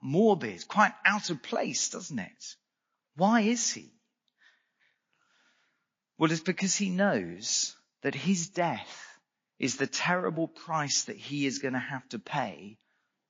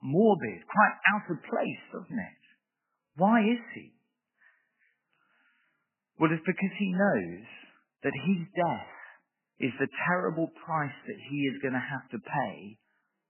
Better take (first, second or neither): first